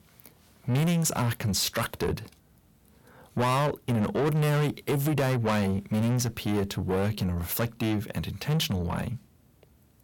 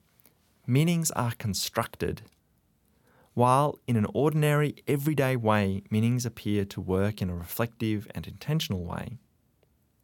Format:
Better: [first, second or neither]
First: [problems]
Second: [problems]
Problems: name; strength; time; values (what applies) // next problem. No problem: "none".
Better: second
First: distortion; heavy; 6 dB below the speech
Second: none